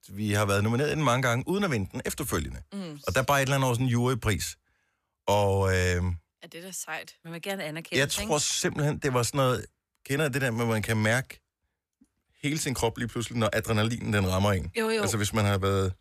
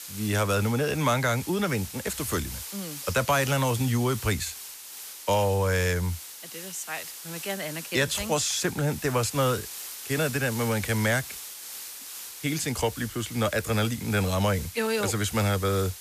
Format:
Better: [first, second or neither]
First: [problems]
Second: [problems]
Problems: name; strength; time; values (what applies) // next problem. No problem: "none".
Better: first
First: none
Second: hiss; noticeable; throughout; 10 dB below the speech